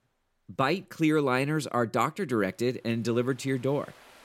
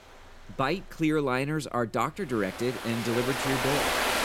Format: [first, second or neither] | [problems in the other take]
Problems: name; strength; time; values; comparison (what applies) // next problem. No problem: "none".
first | rain or running water; loud; throughout; as loud as the speech; faint in the first